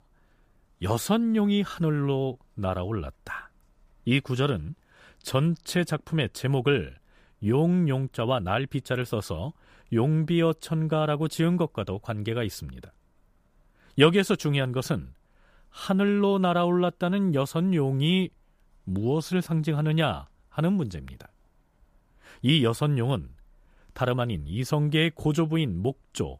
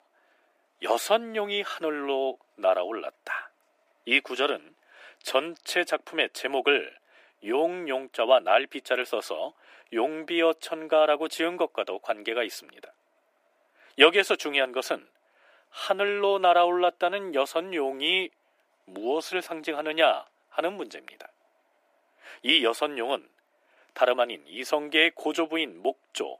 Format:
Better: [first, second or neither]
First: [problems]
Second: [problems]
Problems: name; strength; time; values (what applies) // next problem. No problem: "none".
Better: first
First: none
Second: thin; very; fading below 300 Hz